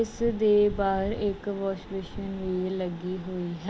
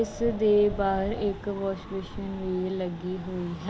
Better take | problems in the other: first | background sound (Wind); 15 dB below the speech

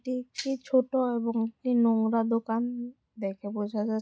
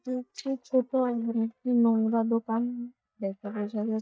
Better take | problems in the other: first | noise reduction (neural mask model DeepFilterNet 3)

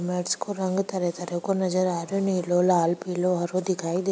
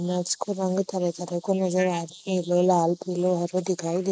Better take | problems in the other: first | noise reduction (neural mask model Resemble Enhance denoiser)

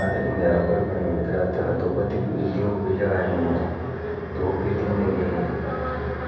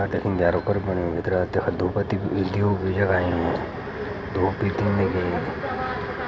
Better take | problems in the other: second | background sound (Chink, clink); 17 dB below the speech // room echo; dies away in 1.1 s

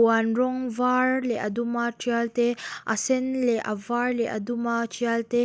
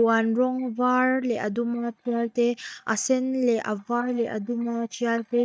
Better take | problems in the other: first | noise reduction (neural mask model DeepFilterNet 3)

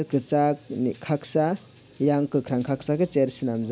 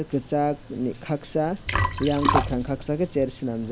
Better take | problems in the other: first | background sound (Liquid); 3 dB below the speech

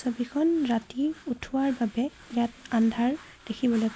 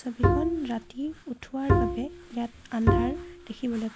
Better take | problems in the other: first | background sound (Bowed string instrument); 4 dB above the speech

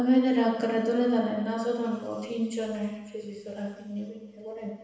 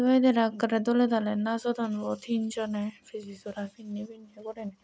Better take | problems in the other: second | room echo; dies away in 1 s

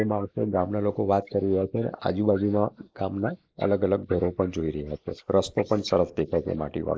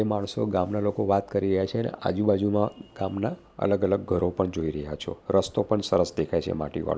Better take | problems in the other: second | noise reduction (neural mask model Resemble Enhance denoiser)

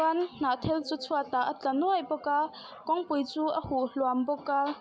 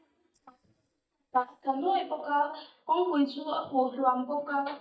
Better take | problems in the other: first | noise reduction (neural mask model DeepFilterNet 3)

